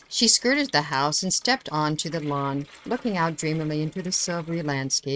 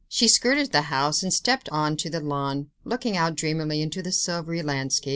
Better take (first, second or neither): second